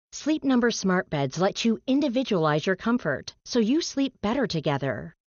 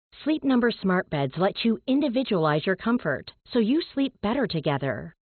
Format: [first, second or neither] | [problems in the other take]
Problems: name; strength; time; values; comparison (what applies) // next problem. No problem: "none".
first | garbled, watery; badly; nothing above 4 kHz; slightly in the first